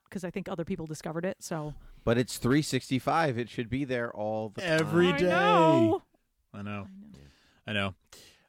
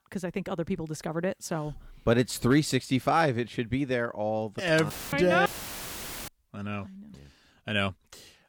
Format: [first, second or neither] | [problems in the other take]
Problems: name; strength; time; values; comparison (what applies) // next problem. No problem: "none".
first | audio cutting out; filled with static; at 5 s and at 5.5 s for 1 s